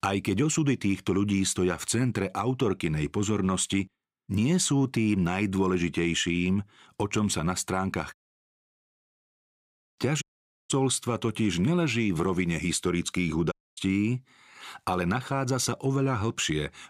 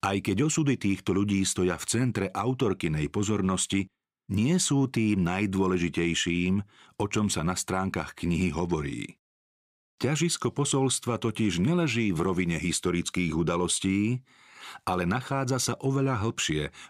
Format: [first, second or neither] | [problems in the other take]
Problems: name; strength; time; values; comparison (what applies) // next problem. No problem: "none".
second | audio cutting out; at 8 s for 1.5 s, at 10 s and at 14 s